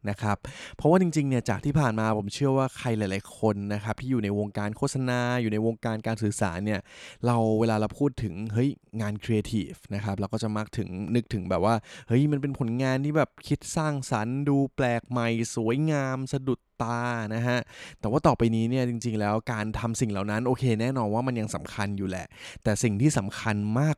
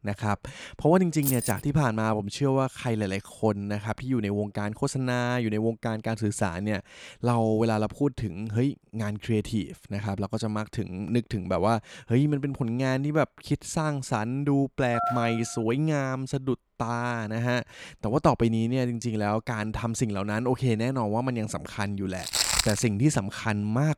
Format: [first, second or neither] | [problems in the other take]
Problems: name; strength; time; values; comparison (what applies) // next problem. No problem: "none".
first | jangling keys; noticeable; at 1 s; peak 2 dB below the speech // phone ringing; noticeable; at 15 s; peak 1 dB below the speech // footsteps; loud; at 22 s; peak 5 dB above the speech